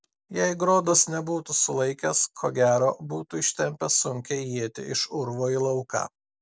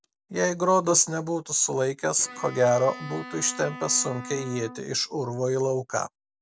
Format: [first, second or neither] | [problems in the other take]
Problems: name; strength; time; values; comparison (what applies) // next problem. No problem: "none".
first | background sound (Bowed string instrument); 15 dB below the speech